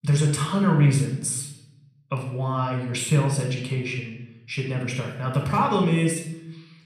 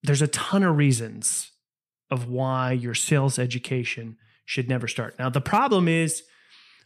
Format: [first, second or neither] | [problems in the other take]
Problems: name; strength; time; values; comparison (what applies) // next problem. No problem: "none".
second | off-mic speech; somewhat distant // room echo; noticeable; dies away in 0.7 s